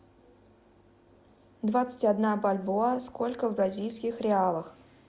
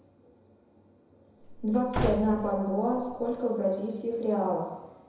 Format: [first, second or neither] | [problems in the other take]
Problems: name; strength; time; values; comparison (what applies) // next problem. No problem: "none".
first | background sound (Slam / Wood); 7 dB below the speech // room echo; dies away in 1 s